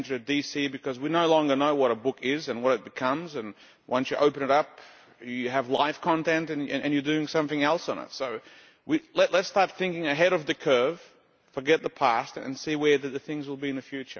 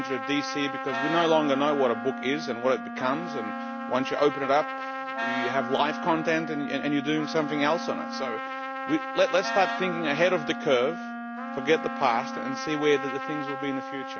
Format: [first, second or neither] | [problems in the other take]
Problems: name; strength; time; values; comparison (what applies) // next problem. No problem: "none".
first | background sound (Wind instrument, woodwind instrument + Trumpet); 6 dB below the speech